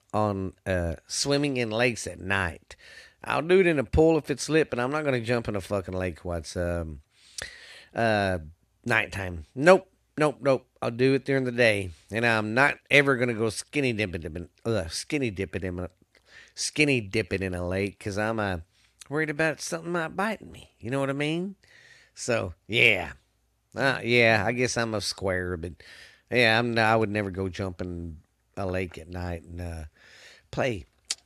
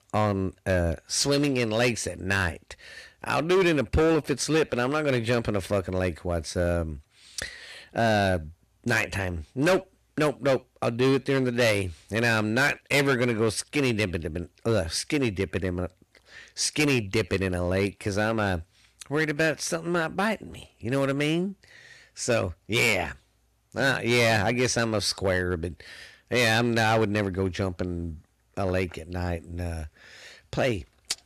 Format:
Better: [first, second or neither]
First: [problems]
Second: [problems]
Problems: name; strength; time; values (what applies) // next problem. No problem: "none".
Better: first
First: none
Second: distortion; heavy; 7% of the sound clipped